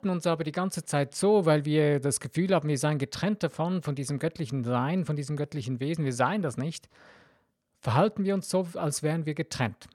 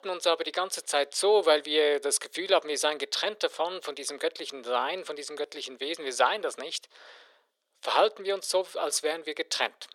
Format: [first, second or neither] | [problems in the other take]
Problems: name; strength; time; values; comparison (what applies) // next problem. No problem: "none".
first | thin; very; fading below 400 Hz